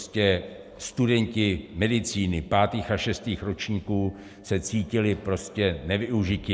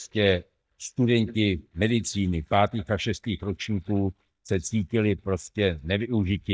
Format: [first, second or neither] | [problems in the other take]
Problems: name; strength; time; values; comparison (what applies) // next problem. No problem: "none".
first | noise reduction (neural mask model DeepFilterNet 3)